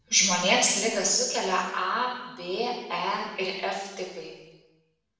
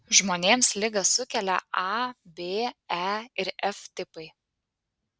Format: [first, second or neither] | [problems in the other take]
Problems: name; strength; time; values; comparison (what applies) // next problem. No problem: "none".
second | room echo; dies away in 1.1 s